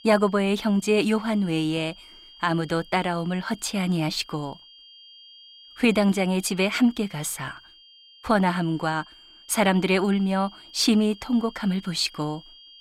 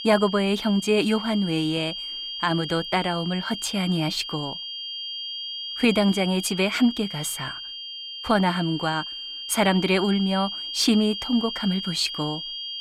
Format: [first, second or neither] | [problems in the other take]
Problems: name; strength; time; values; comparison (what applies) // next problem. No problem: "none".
first | high-pitched whine; loud; throughout; 3 kHz, 7 dB below the speech; faint in the first